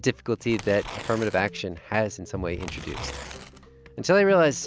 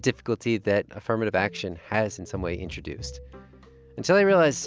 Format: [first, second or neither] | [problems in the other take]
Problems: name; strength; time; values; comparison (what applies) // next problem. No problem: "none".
second | background sound (Tearing); 16 dB below the speech